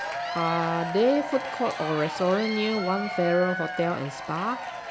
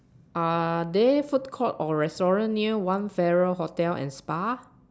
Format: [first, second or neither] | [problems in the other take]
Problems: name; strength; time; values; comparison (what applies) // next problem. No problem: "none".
second | background sound (Applause / Crowd / Cheering); 6 dB below the speech